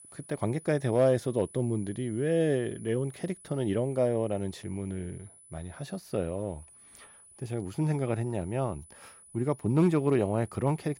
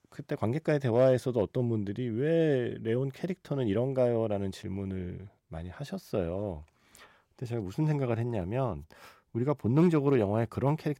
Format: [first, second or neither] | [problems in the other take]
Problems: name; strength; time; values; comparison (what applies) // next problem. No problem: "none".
second | high-pitched whine; faint; throughout; 10 kHz, 20 dB below the speech